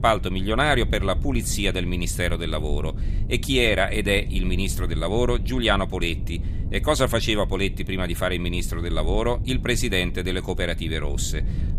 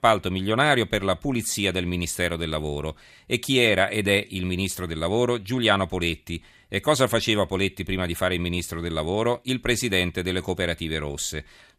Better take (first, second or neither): second